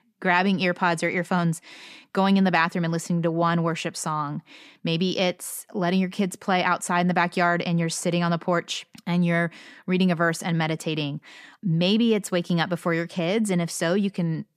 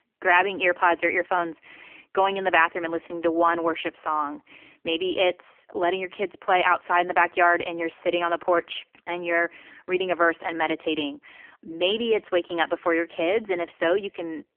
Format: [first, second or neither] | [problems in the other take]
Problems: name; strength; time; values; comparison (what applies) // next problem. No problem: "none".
first | phone-call audio; poor line; nothing above 3.5 kHz